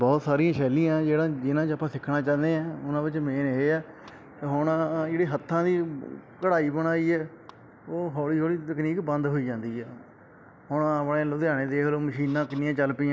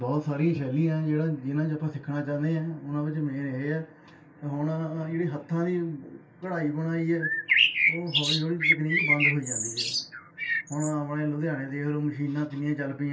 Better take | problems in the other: first | background sound (Bird); 3 dB above the speech // room echo; dies away in 0.2 s

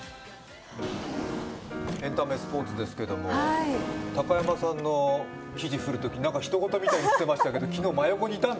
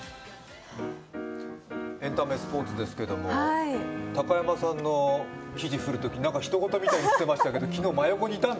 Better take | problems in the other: second | background sound (Drawer open or close); 10 dB below the speech

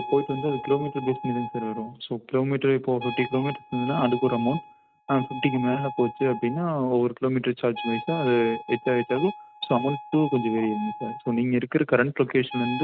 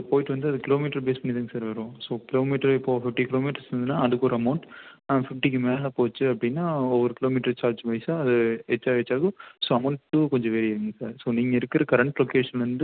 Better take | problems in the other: second | noise reduction (neural mask model RNNoise)

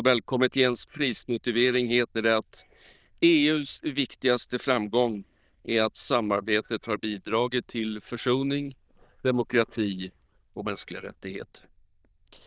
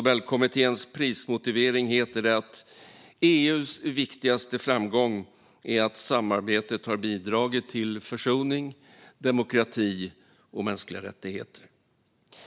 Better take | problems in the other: second | noise reduction (neural diffusion model UNIVERSE++)

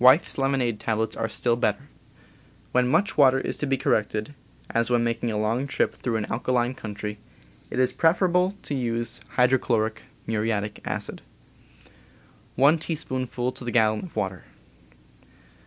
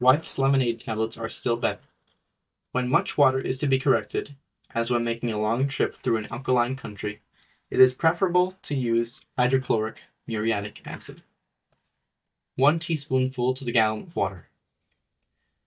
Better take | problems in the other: first | noise reduction (neural mask model DeepFilterNet 3)

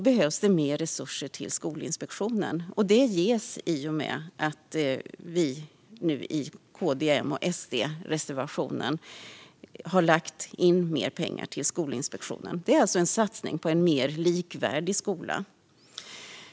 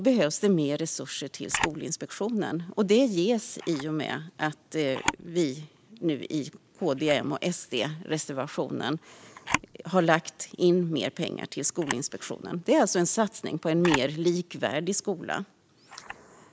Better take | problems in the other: first | noise reduction (neural mask model Resemble Enhance denoiser)

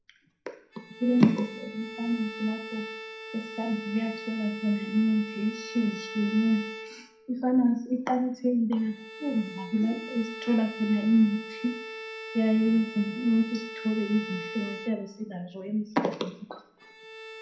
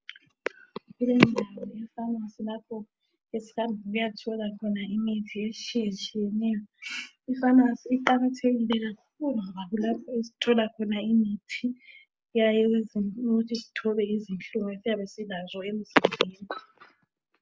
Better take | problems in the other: second | background sound (Bowed string instrument); 13 dB below the speech // room echo; dies away in 0.4 s

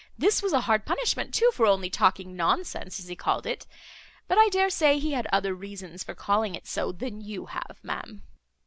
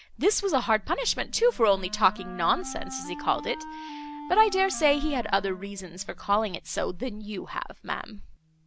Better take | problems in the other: first | background sound (Wind instrument, woodwind instrument); 16 dB below the speech

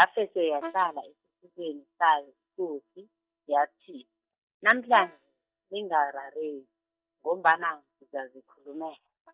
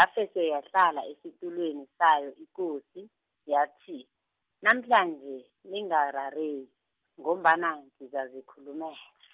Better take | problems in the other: second | noise reduction (neural mask model DeepFilterNet 3)

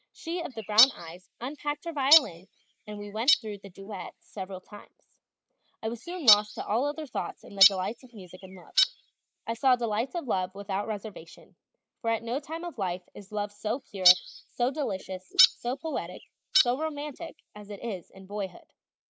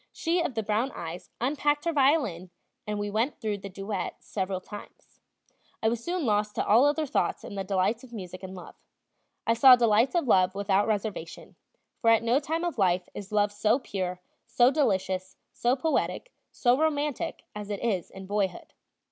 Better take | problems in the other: second | noise reduction (neural mask model Resemble Enhance denoiser)

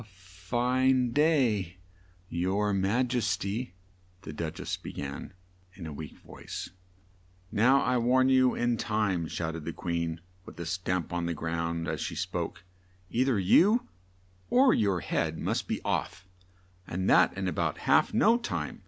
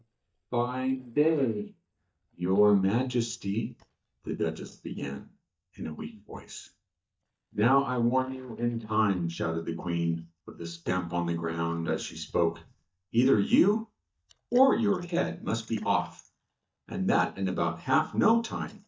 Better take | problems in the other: first | noise reduction (neural mask model DeepFilterNet 3)

